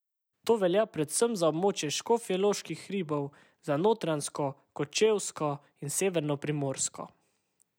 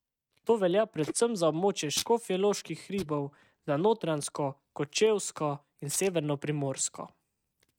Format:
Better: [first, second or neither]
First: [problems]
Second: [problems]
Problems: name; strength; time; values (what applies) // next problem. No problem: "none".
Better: first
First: none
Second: noise reduction (neural mask model RNNoise)